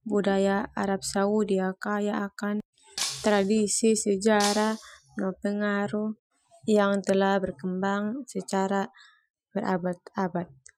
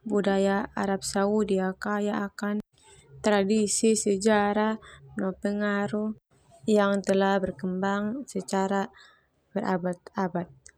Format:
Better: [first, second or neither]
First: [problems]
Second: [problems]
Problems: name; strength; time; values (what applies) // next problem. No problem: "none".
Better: second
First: noise reduction (classical method Wiener filter)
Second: none